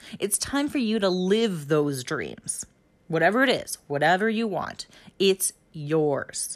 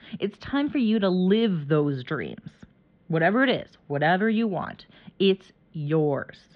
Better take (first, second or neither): first